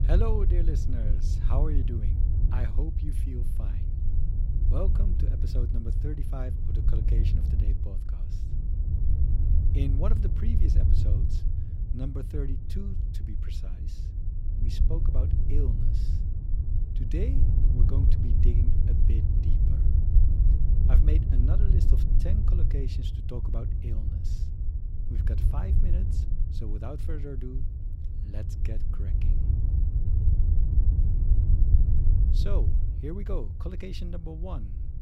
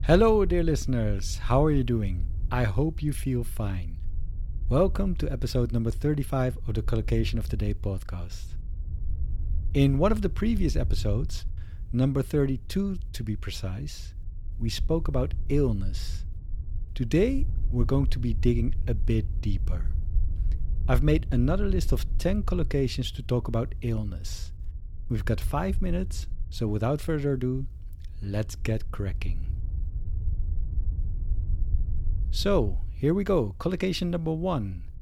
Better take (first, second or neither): second